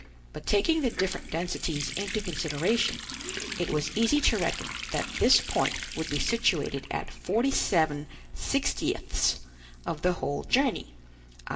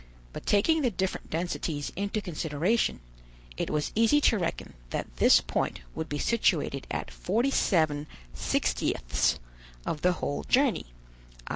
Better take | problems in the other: second | background sound (Water tap, faucet); 11 dB below the speech // room echo; dies away in 0.4 s

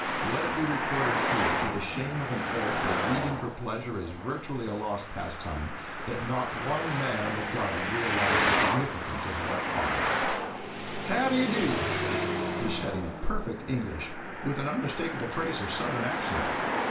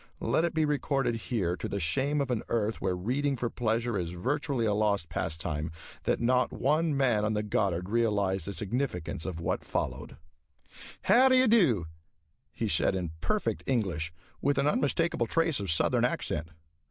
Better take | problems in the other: second | background sound (Traffic noise, roadway noise); 1 dB above the speech // room echo; dies away in 0.3 s

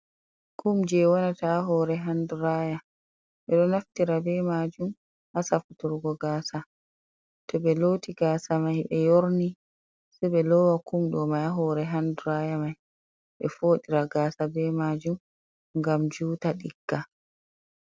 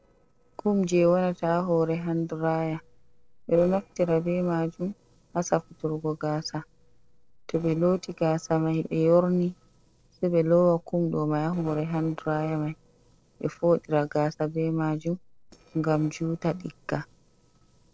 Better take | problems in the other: first | noise reduction (neural separator model SepFormer DNS4)

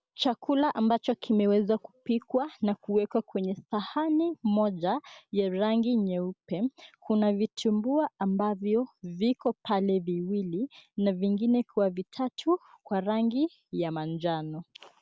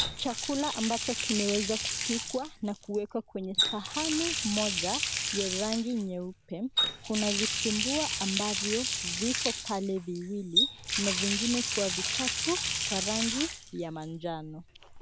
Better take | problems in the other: first | background sound (Water tap, faucet); 1 dB above the speech

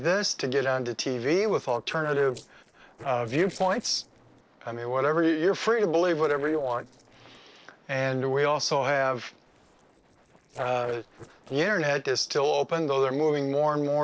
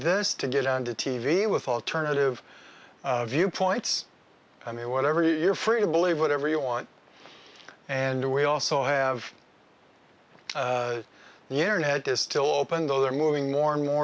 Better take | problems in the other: second | noise reduction (neural separator model SepFormer DNS4)

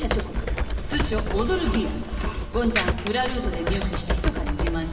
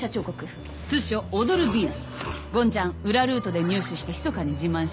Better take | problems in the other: second | background sound (Computer keyboard); 1 dB above the speech // room echo; dies away in 1.9 s

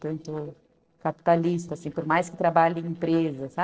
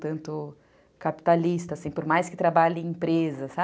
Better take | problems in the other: second | noise reduction (neural separator model SepFormer DNS4)

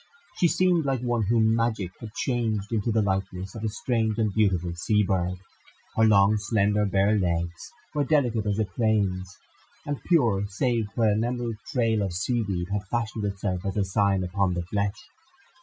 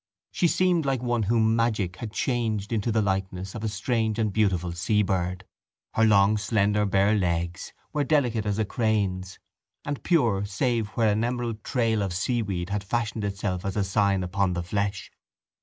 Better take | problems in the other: second | noise reduction (classical method Wiener filter)

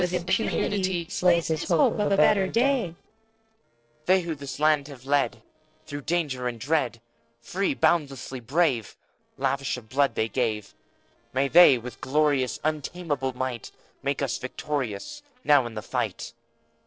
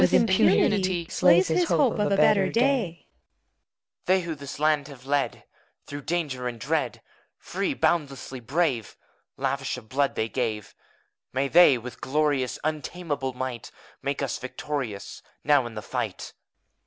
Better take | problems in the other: second | noise reduction (neural separator model SepFormer DNS4)

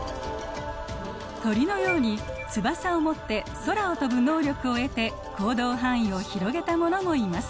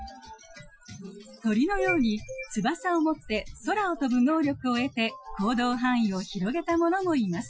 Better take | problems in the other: first | noise reduction (classical method Wiener filter)

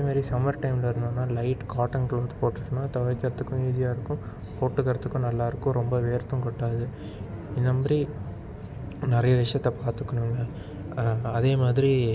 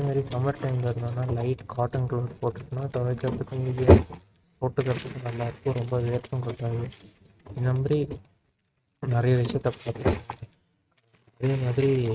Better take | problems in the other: first | noise reduction (neural mask model RNNoise)

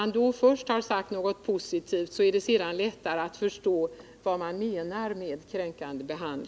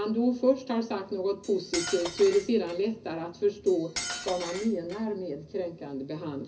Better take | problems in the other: first | background sound (Cutlery, silverware); 10 dB below the speech // room echo; dies away in 0.4 s

